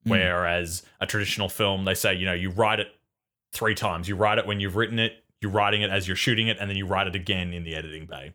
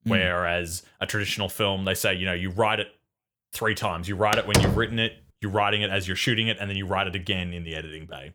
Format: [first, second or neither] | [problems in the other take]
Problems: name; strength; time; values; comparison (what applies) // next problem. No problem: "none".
first | door banging; loud; at 4.5 s; peak 4 dB above the speech